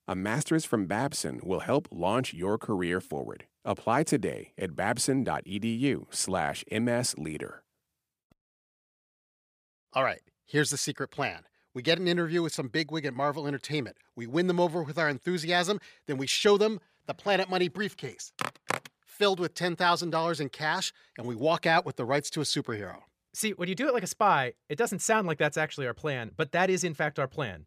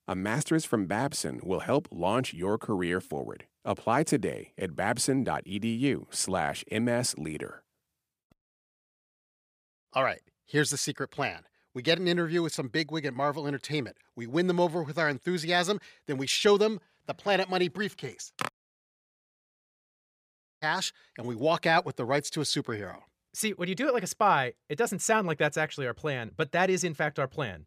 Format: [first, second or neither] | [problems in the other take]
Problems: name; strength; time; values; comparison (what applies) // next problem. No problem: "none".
first | audio cutting out; at 19 s for 2 s